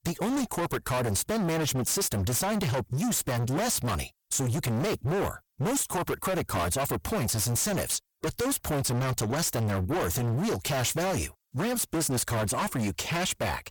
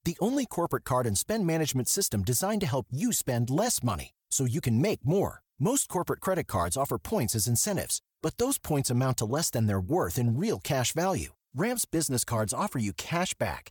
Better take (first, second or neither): second